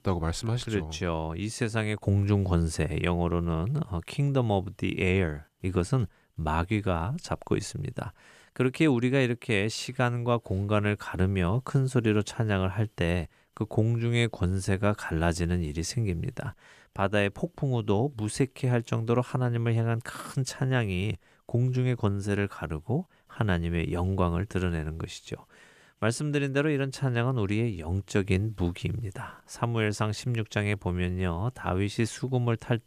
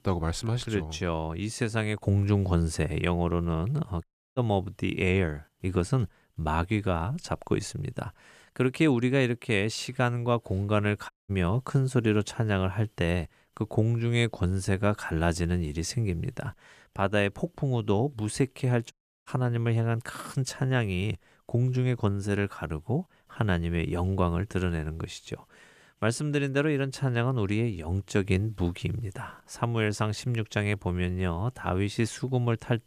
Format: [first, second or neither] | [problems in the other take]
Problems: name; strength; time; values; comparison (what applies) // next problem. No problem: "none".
first | audio cutting out; at 4 s, at 11 s and at 19 s